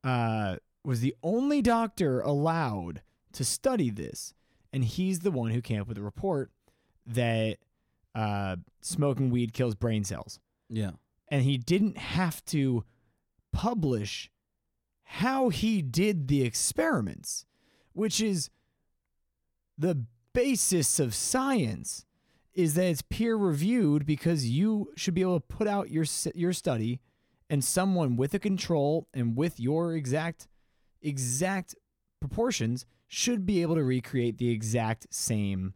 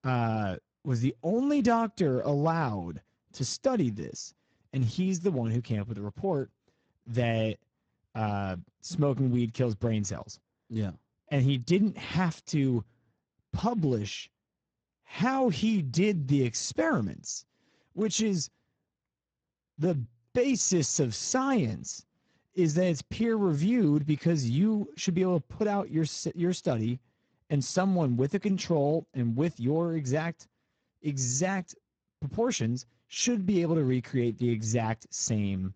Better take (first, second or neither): first